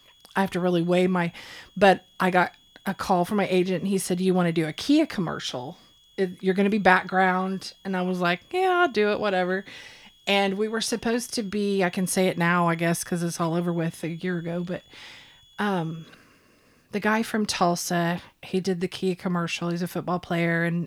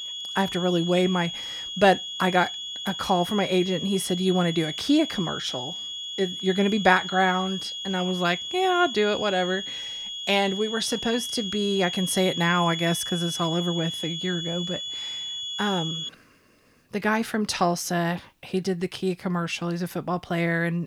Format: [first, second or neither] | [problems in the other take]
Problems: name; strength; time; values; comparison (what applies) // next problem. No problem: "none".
first | high-pitched whine; loud; until 16 s; 3.5 kHz, 6 dB below the speech; faint in the first